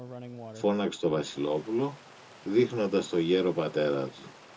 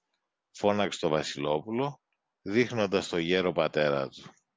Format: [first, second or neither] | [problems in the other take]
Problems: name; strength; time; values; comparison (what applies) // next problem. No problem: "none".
second | background sound (Stream); 19 dB below the speech // room echo; dies away in 0.2 s